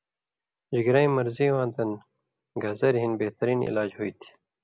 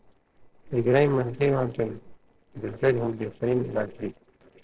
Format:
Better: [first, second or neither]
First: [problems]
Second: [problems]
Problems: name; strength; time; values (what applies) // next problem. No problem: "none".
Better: first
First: none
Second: noise reduction (neural separator model SepFormer DNS4)